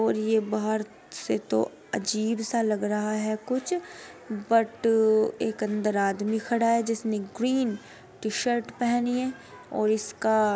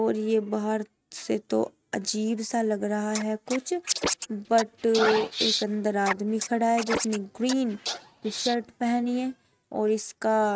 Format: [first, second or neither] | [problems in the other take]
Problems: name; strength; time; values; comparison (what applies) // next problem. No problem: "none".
first | noise reduction (neural mask model RNNoise)